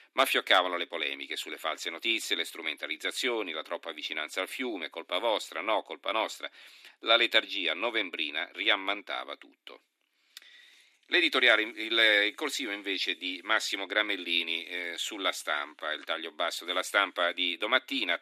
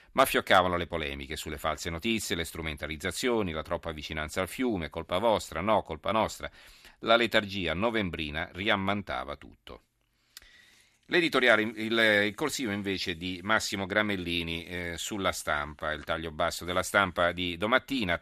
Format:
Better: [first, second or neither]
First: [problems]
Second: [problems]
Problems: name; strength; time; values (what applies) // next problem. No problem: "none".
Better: second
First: thin; somewhat; fading below 250 Hz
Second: none